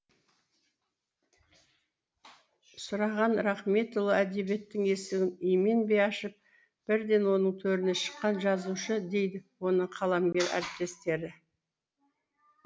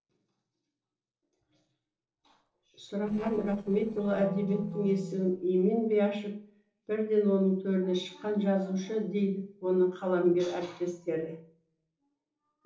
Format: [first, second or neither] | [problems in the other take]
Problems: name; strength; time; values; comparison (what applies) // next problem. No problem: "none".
first | noise reduction (neural separator model SepFormer DNS4)